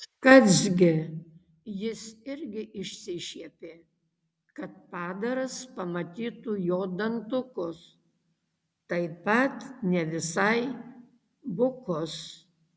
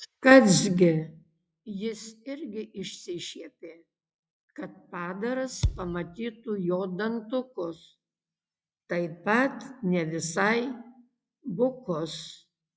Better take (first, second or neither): first